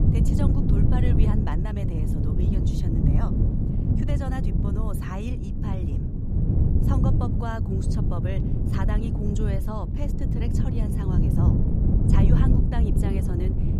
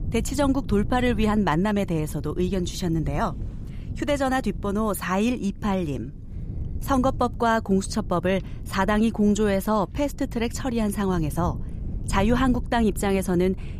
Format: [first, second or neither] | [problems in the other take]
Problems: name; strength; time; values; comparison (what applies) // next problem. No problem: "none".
second | wind noise on the microphone; heavy; 2 dB above the speech; occasional gusts in the second